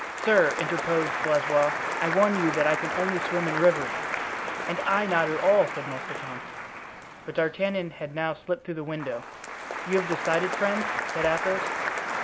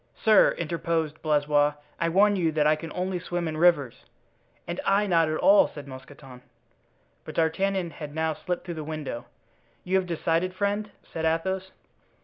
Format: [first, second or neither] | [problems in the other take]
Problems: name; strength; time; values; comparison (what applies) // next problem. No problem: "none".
second | background sound (Applause); 4 dB below the speech